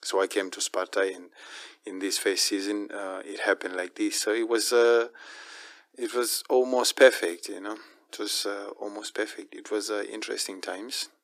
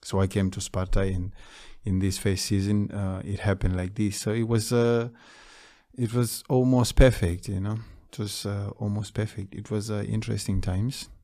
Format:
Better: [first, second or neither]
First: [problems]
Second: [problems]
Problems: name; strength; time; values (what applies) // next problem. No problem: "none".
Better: second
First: thin; very; fading below 300 Hz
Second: none